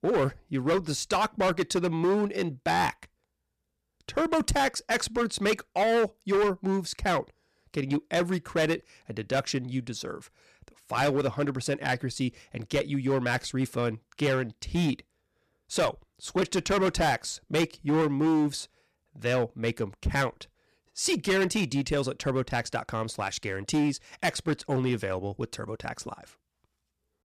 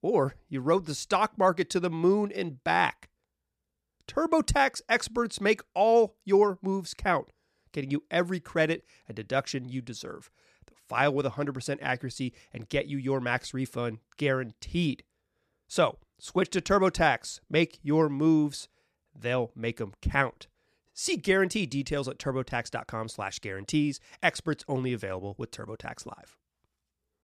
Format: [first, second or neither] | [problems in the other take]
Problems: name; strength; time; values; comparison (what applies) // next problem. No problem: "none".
second | distortion; heavy; 9% of the sound clipped